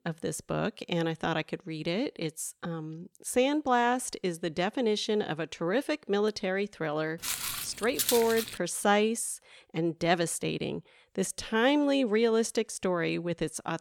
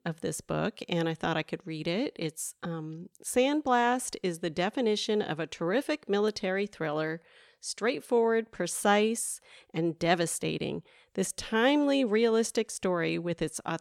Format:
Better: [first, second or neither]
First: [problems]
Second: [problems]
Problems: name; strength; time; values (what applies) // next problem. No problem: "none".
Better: second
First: footsteps; loud; from 7 to 8.5 s; peak 1 dB above the speech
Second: none